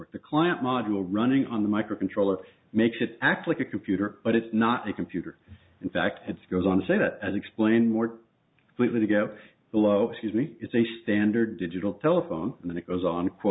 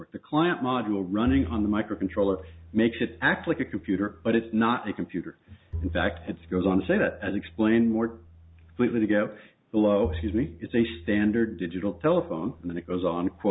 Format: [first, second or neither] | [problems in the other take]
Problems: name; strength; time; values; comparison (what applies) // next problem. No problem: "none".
first | background sound (Bowed string instrument); 14 dB below the speech